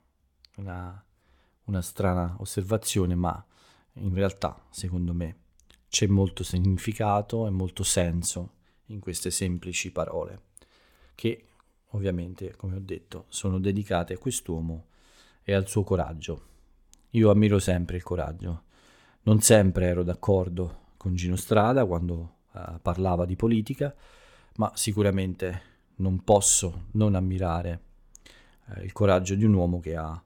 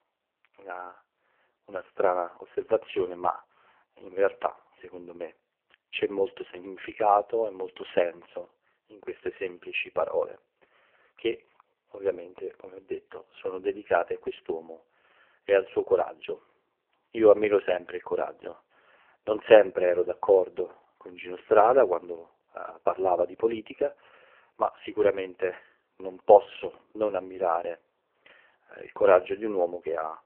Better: first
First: none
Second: phone-call audio; poor line; nothing above 3 kHz

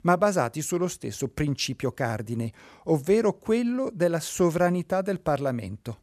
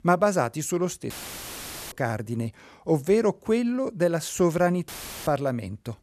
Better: first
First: none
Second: audio cutting out; filled with static; at 1 s for 1 s and at 5 s

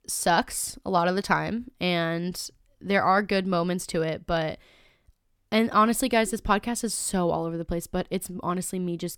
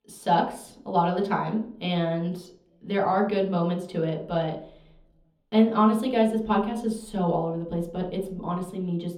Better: first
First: none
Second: room echo; slight; dies away in 0.7 s // off-mic speech; far

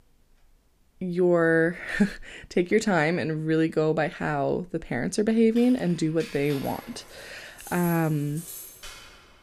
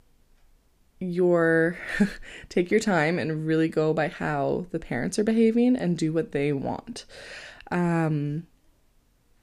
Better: second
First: jangling keys; faint; from 5.5 s on; peak 15 dB below the speech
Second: none

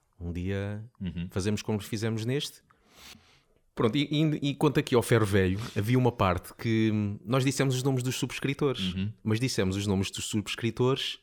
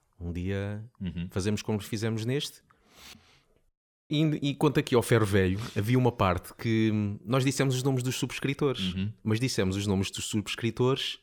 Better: first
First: none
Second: audio cutting out; at 3.5 s

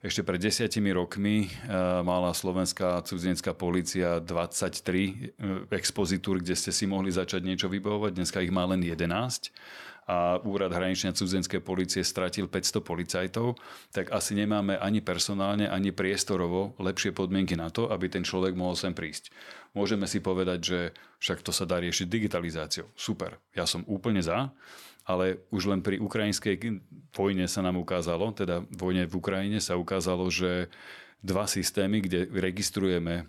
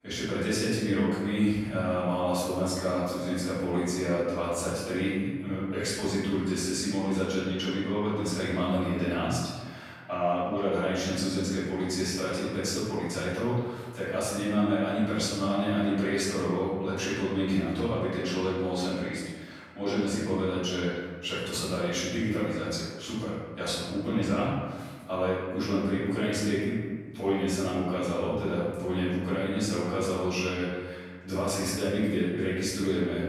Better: first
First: none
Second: room echo; strong; dies away in 1.4 s // off-mic speech; far

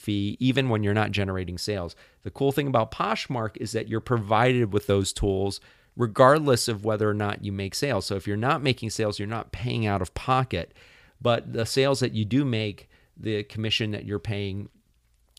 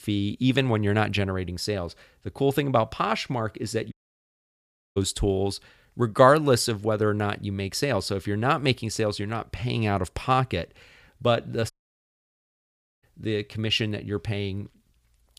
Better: first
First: none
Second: audio cutting out; at 4 s for 1 s and at 12 s for 1.5 s

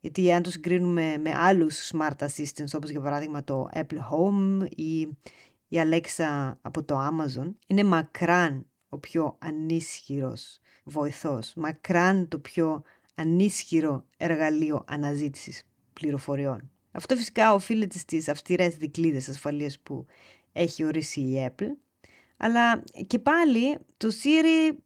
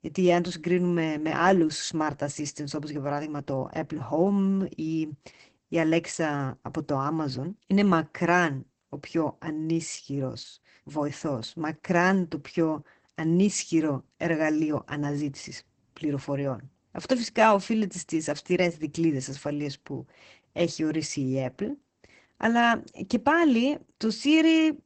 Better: first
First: garbled, watery; slightly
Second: garbled, watery; badly; nothing above 8 kHz

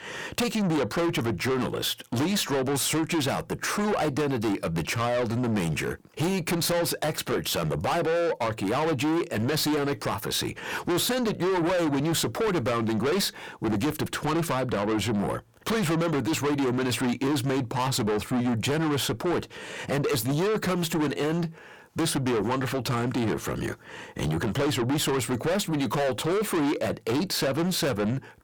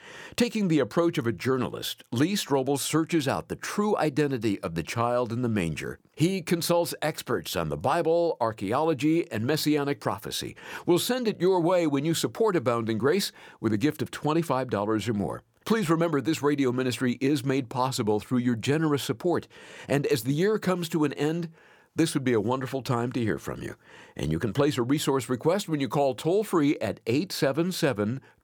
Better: second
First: distortion; heavy; 6 dB below the speech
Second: none

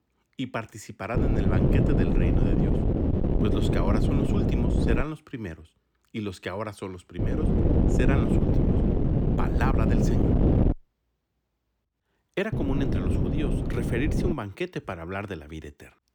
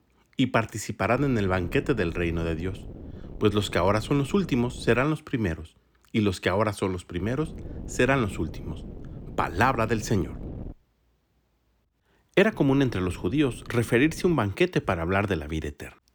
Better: second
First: wind noise on the microphone; heavy; from 1 to 5 s, from 7 to 11 s and from 13 to 14 s; 3 dB above the speech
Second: wind noise on the microphone; occasional gusts; from 1 to 5 s, from 7 to 11 s and from 13 to 14 s; 20 dB below the speech

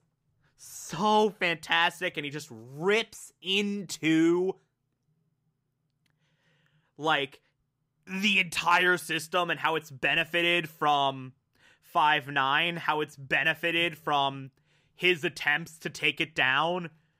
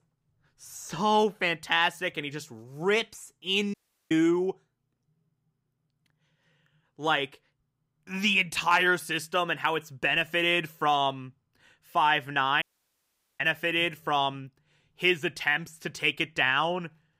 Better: first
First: none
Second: audio cutting out; at 3.5 s and at 13 s for 1 s

